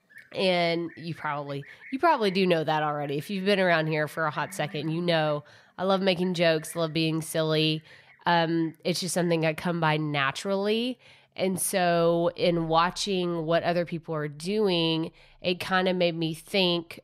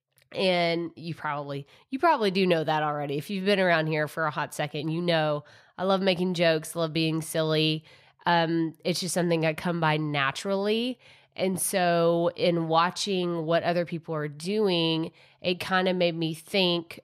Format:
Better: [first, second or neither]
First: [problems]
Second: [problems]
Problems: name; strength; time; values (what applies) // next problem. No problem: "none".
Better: second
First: animal sounds; faint; throughout; 25 dB below the speech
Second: none